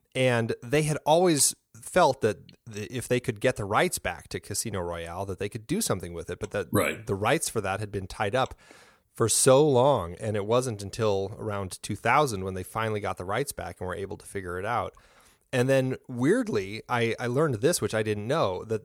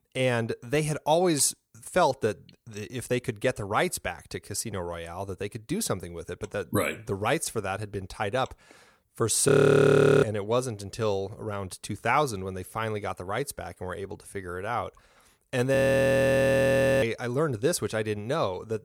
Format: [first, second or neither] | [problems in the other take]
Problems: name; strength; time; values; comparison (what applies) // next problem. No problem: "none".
first | audio freezing; at 9.5 s for 0.5 s and at 16 s for 1.5 s